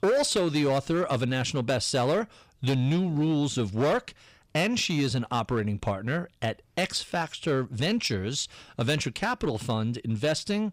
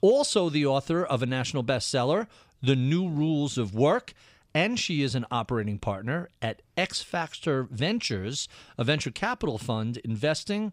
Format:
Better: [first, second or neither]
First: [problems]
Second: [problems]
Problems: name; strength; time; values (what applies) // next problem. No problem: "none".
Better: second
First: distortion; slight; 9% of the sound clipped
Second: none